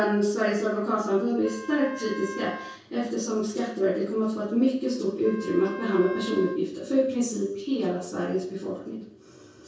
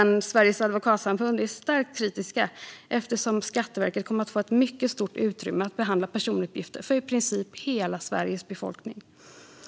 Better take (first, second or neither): second